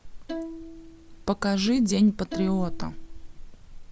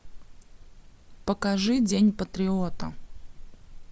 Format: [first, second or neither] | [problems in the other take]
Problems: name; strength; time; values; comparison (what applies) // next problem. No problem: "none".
second | background sound (Bowed string instrument); 12 dB below the speech